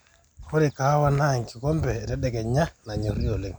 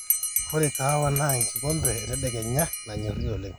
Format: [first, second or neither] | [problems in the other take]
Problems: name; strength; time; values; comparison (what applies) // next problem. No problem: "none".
first | background sound (Bell); 3 dB below the speech